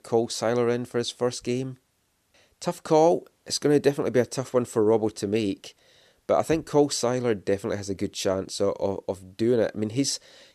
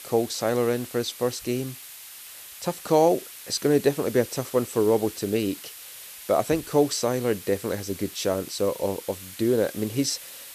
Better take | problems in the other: first | hiss; noticeable; throughout; 15 dB below the speech

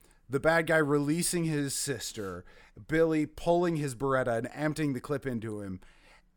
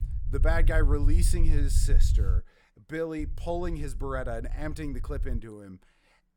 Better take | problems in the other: first | low rumble; noticeable; until 2.5 s and from 3 to 5.5 s; 15 dB below the speech

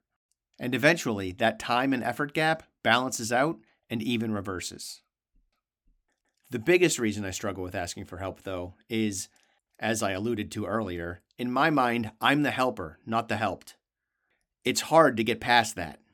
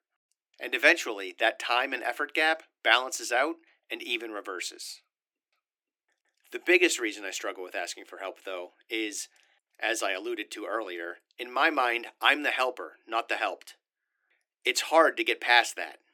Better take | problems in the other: first | thin; very; fading below 300 Hz

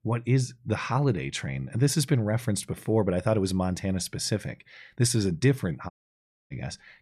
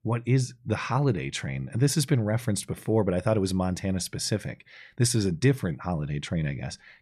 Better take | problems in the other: second | audio cutting out; at 6 s for 0.5 s

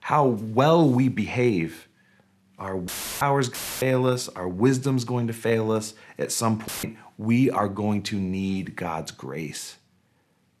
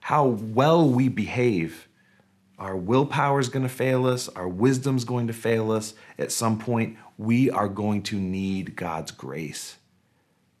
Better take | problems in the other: second | audio cutting out; filled with static; at 3 s, at 3.5 s and at 6.5 s

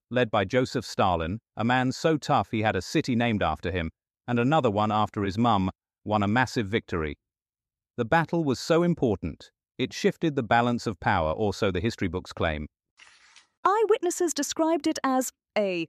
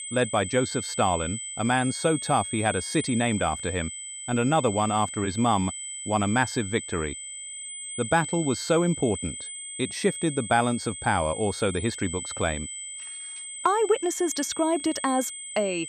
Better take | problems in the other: first | high-pitched whine; loud; throughout; 8 kHz, 7 dB below the speech

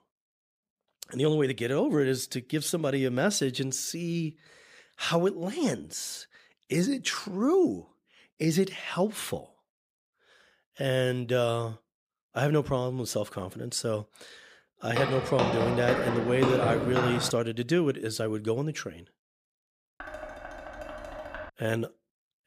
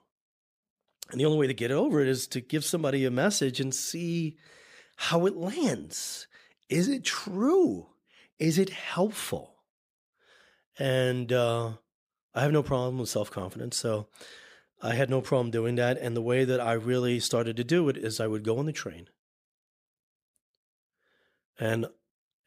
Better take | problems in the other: second | footsteps; loud; from 15 to 17 s; peak 2 dB above the speech // clattering dishes; faint; from 20 to 22 s; peak 10 dB below the speech

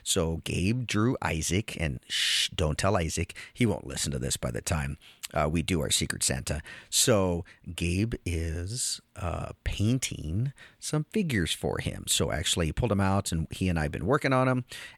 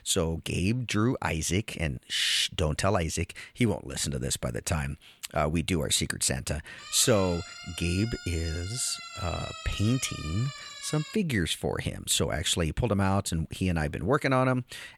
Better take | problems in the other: first | siren; faint; from 7 to 11 s; peak 10 dB below the speech

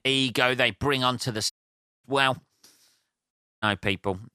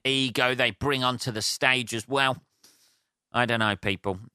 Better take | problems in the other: second | audio cutting out; at 1.5 s for 0.5 s and at 3.5 s

